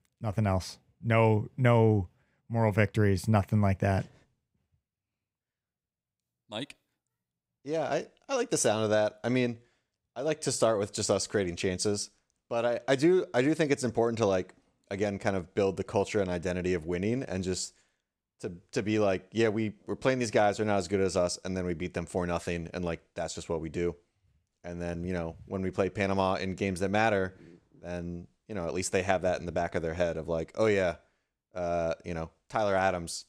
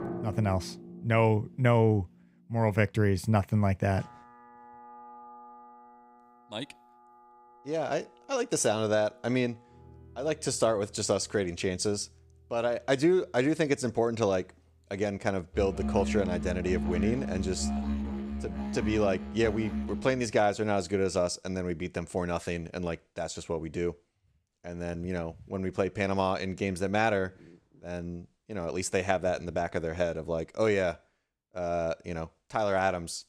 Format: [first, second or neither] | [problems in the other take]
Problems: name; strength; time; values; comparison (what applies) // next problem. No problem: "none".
first | background music; loud; until 20 s; 6 dB below the speech